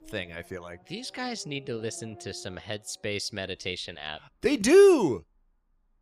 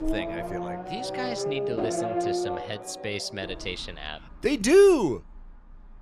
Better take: first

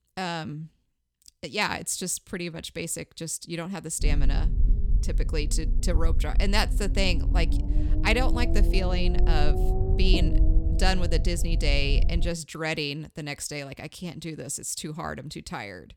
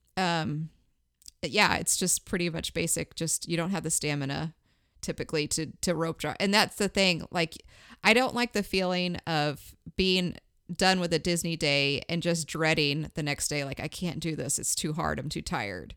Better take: second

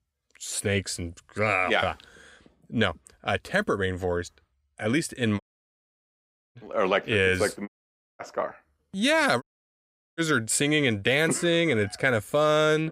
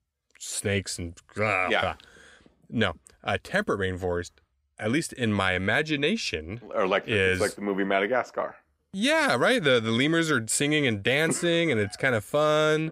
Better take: second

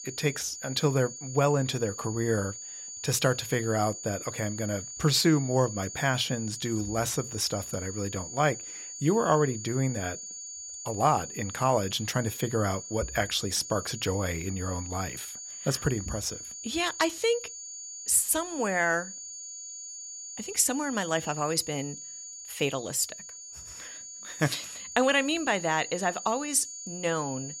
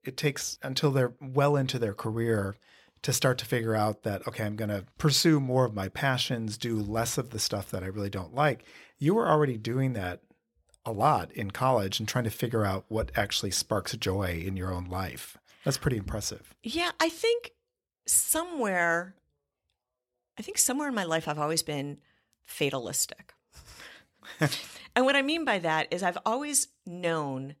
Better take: second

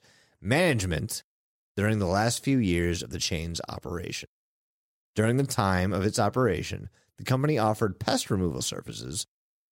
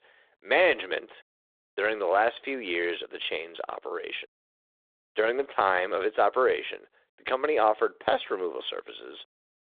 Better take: first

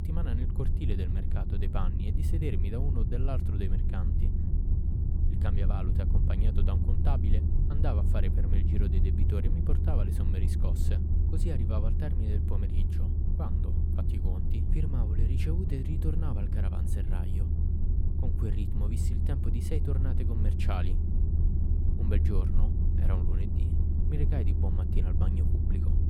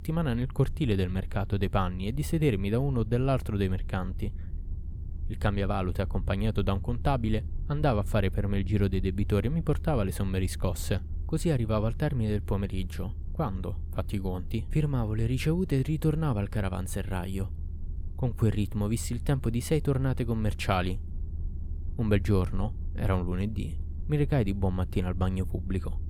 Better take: second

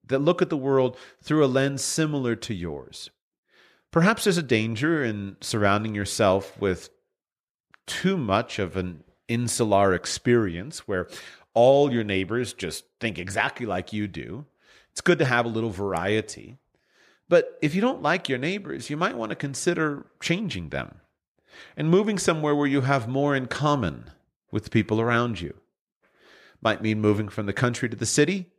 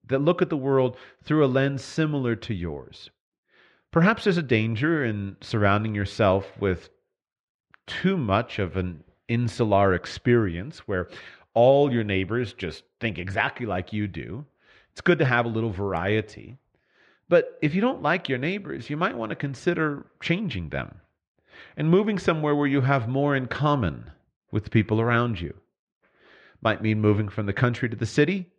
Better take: first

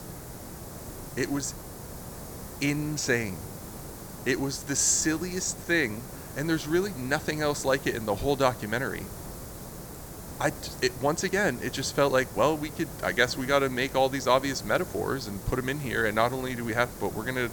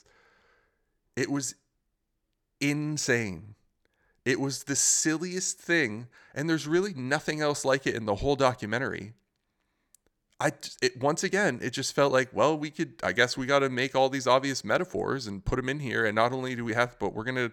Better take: second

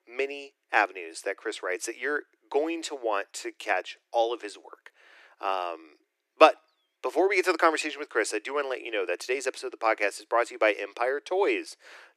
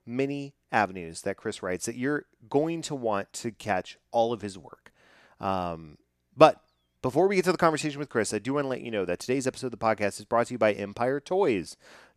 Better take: second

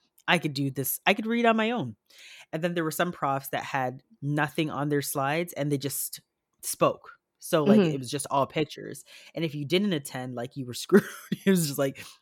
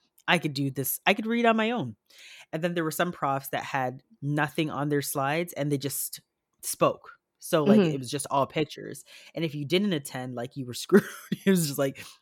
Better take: neither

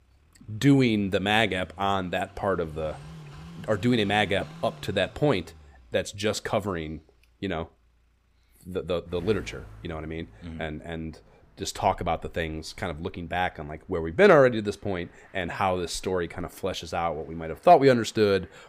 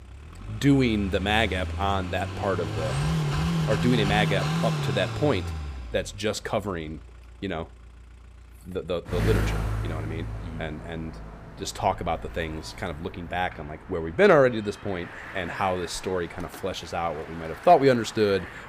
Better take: first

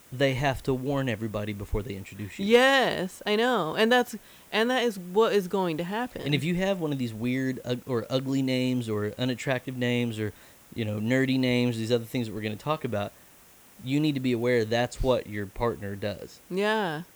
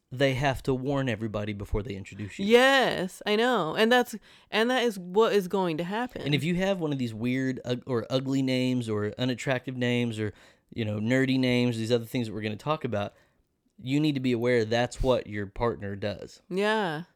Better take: second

